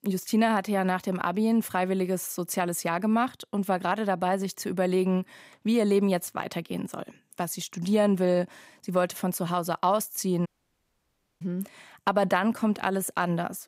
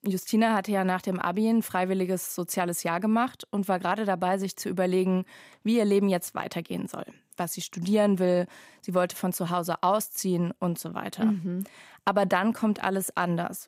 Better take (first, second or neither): second